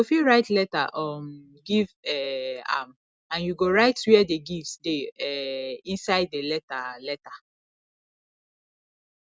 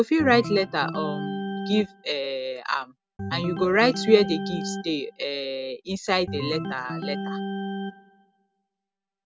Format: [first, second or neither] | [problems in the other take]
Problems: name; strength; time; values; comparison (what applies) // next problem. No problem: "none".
first | background sound (Organ); 7 dB below the speech